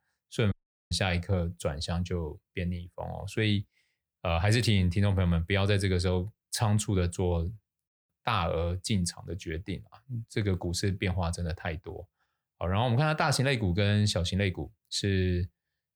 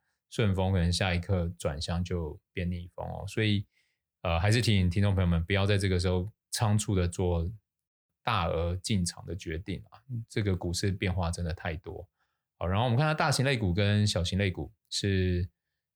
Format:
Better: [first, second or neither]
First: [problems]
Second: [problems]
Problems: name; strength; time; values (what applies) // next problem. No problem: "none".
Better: second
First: audio cutting out; at 0.5 s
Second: none